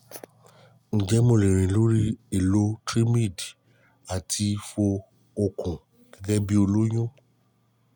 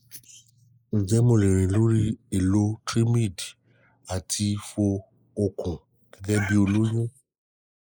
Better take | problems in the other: first | noise reduction (neural mask model Resemble Enhance denoiser)

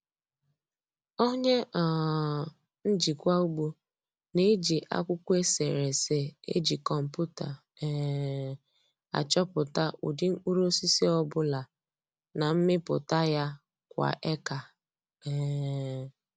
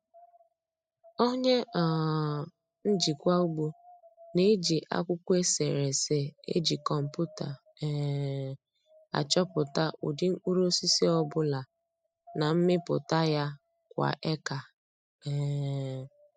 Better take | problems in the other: first | noise reduction (classical method spectral subtraction)

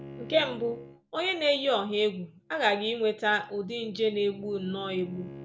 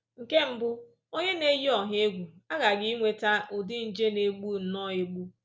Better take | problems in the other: second | background sound (Bowed string instrument); 18 dB below the speech

